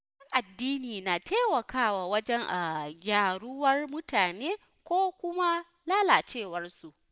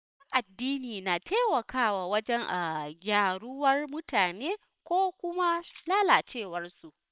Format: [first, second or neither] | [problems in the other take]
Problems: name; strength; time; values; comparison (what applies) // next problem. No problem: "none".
first | noise reduction (neural separator model SepFormer WHAM!)